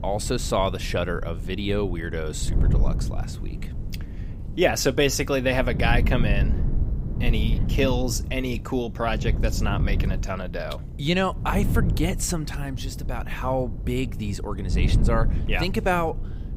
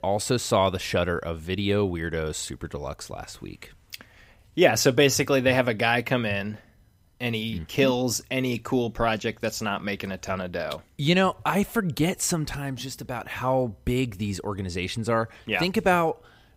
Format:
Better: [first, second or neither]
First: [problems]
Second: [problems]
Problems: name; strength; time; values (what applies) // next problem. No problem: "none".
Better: second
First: wind noise on the microphone; occasional gusts; 15 dB below the speech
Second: none